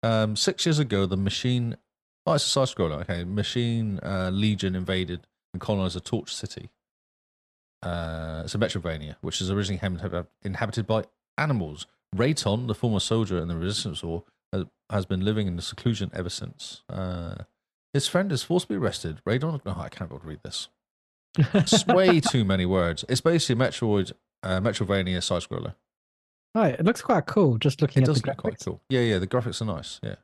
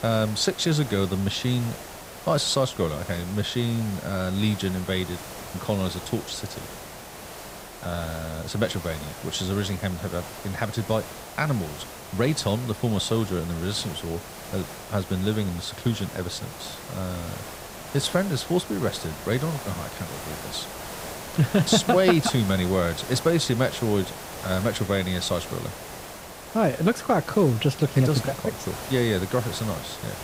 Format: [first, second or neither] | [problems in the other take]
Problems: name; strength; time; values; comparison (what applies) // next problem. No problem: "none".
first | hiss; noticeable; throughout; 10 dB below the speech